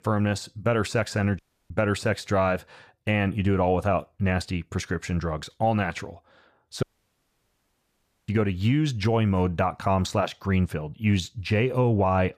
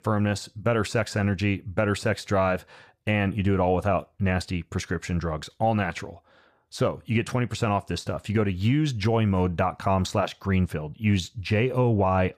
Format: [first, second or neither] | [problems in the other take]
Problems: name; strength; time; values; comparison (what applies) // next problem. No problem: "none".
second | audio cutting out; at 1.5 s and at 7 s for 1.5 s